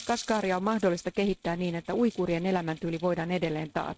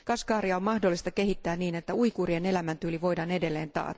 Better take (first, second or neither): second